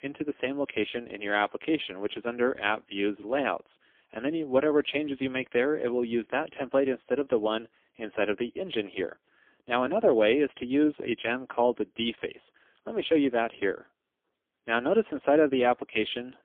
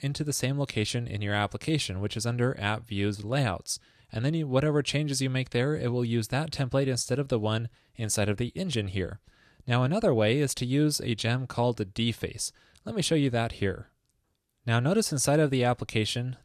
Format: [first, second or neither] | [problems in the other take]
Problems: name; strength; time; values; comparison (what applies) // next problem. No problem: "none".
second | phone-call audio; poor line; nothing above 3.5 kHz